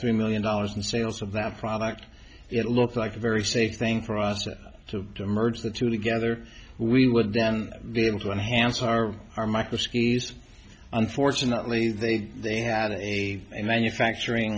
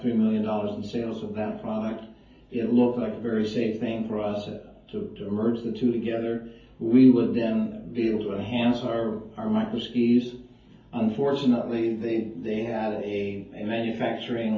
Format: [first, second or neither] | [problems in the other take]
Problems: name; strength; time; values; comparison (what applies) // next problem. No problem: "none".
first | room echo; dies away in 0.5 s